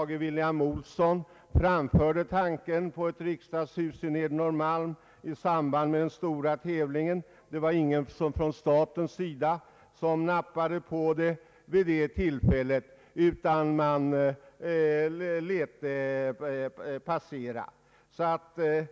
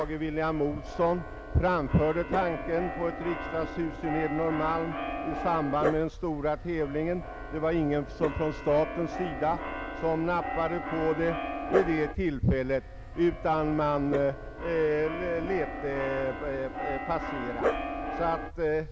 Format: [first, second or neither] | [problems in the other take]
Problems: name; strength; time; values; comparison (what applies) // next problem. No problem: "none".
first | background sound (Keyboard (musical) + Dog); 6 dB below the speech